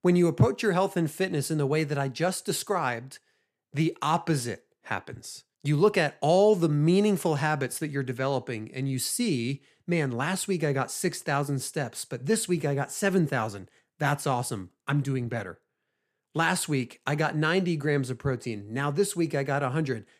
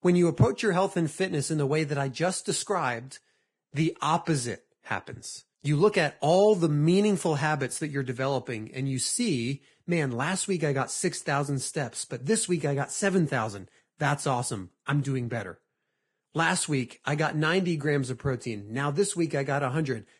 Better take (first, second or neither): first